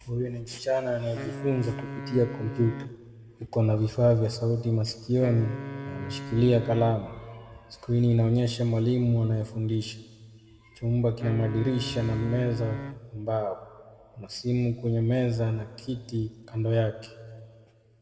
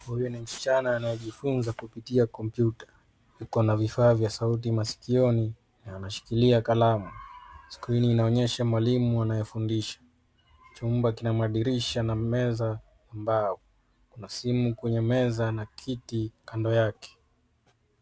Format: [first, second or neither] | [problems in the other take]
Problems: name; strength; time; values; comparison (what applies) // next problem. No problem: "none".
second | background sound (Wind instrument, woodwind instrument); 12 dB below the speech // room echo; dies away in 1.6 s